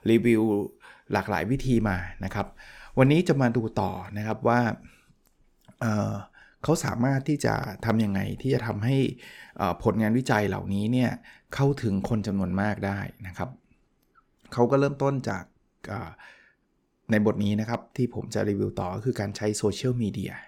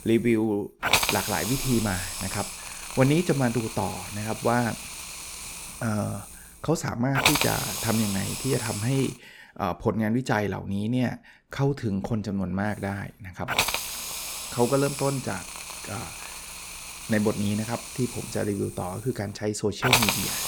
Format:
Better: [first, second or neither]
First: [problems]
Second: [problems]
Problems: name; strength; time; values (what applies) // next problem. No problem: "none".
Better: first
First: none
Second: hiss; loud; until 9 s and from 13 s on; 1 dB below the speech